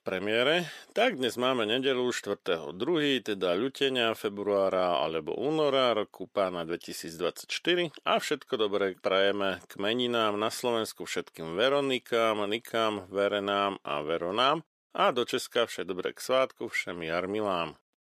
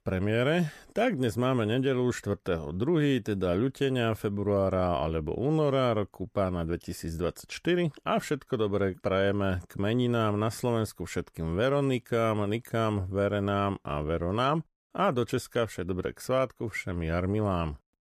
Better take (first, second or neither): second